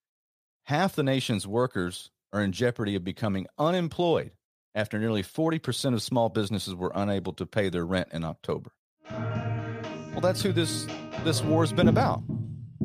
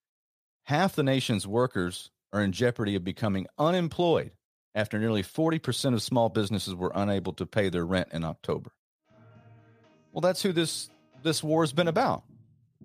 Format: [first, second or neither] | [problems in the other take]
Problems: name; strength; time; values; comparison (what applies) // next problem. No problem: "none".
second | background music; loud; from 9 s on; 3 dB below the speech; faint in the second